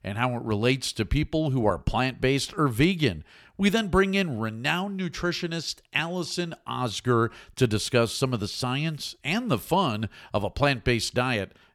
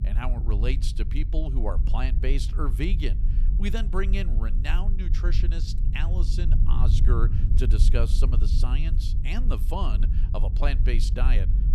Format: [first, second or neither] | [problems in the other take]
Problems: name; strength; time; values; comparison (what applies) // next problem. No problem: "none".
first | low rumble; loud; throughout; 8 dB below the speech